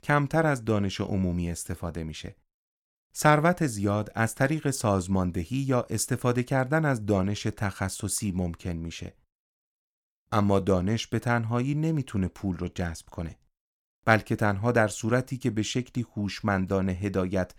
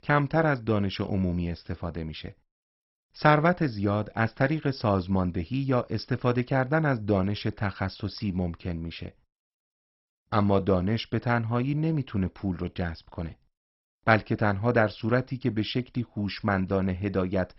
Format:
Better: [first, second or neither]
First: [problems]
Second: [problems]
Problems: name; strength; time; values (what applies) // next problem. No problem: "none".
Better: first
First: none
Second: garbled, watery; badly; nothing above 5.5 kHz